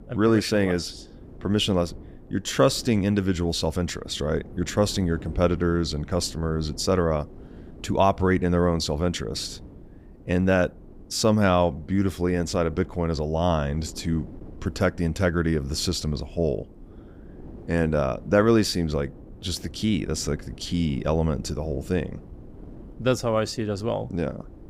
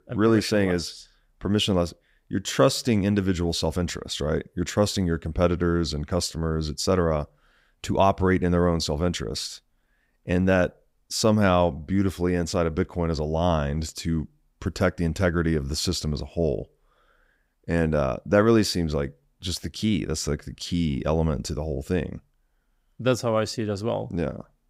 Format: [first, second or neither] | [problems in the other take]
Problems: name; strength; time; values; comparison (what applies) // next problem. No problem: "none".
second | wind noise on the microphone; occasional gusts; 25 dB below the speech